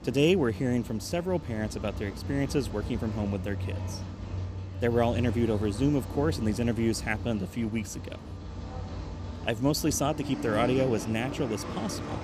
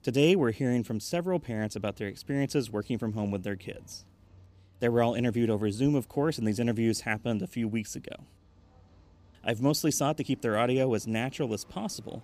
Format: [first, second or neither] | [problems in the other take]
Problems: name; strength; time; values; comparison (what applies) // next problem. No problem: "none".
second | rain or running water; loud; throughout; 8 dB below the speech; faint in the second